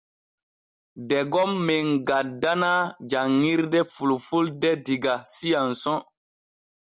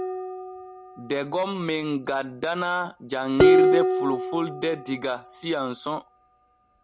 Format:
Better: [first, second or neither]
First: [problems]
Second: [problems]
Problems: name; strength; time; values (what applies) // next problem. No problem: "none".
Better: first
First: none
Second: background sound (Dishes, pots, and pans); 3 dB above the speech